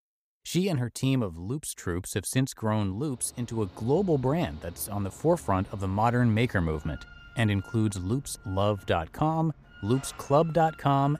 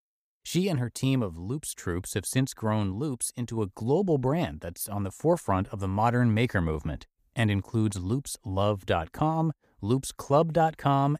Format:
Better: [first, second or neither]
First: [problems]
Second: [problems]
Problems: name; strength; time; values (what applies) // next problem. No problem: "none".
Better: second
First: machinery noise; faint; from 3 s on; 20 dB below the speech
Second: none